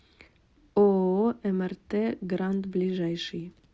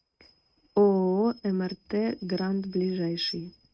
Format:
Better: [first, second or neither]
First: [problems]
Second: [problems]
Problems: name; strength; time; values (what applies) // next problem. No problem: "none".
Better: first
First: none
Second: noise reduction (neural mask model RNNoise)